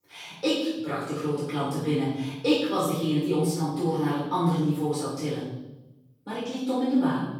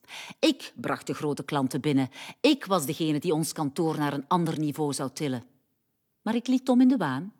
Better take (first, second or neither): second